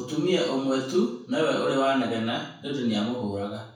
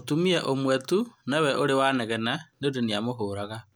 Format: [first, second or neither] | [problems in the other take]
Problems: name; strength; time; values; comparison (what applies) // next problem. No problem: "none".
second | room echo; dies away in 0.6 s